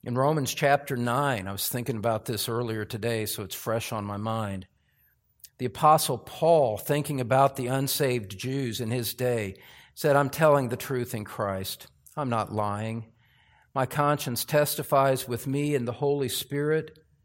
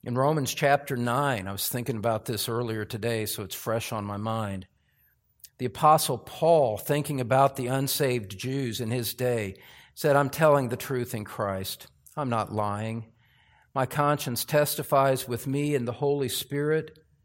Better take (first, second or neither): neither